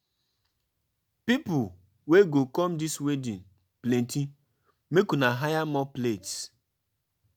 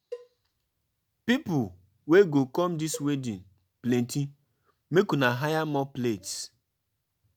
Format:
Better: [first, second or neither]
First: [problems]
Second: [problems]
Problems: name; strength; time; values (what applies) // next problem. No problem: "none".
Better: first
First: none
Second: background sound (Cowbell); 20 dB below the speech